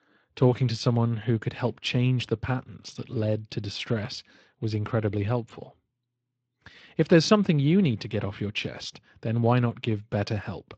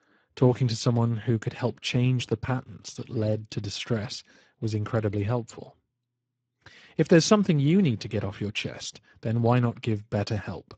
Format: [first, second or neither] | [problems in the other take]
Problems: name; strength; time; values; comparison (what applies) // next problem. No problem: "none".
first | garbled, watery; badly; nothing above 7.5 kHz; slightly in the first